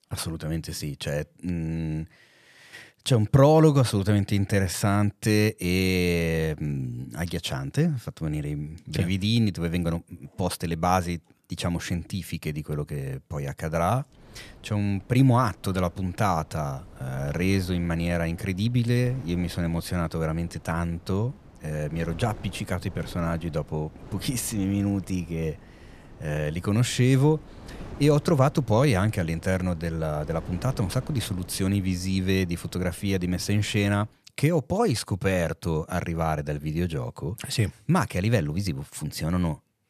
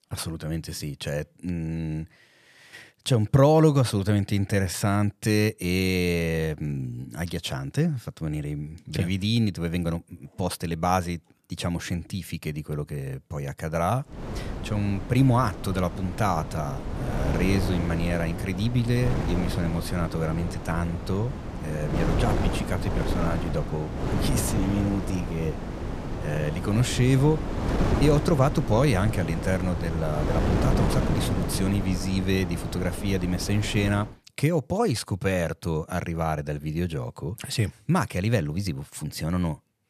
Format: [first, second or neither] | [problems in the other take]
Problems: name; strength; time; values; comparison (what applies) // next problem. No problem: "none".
first | wind noise on the microphone; heavy; from 14 to 34 s; 5 dB below the speech; occasional gusts in the first